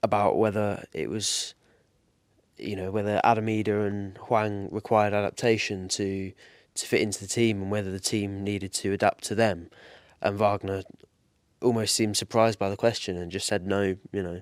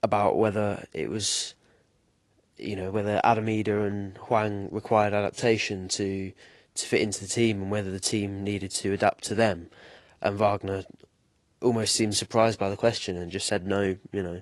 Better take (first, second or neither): first